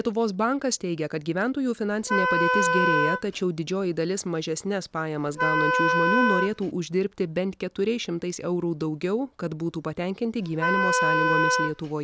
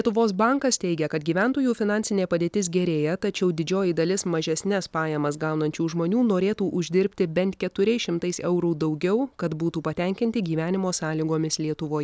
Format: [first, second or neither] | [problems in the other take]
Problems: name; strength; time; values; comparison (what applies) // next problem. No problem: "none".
second | background sound (Wind instrument, woodwind instrument); 3 dB above the speech